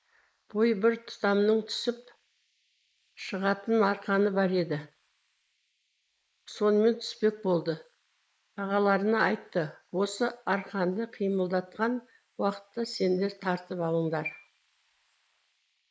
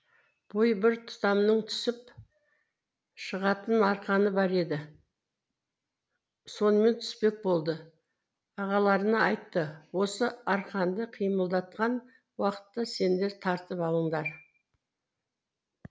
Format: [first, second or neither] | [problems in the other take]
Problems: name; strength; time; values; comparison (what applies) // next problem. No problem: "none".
second | noise reduction (neural mask model Resemble Enhance denoiser)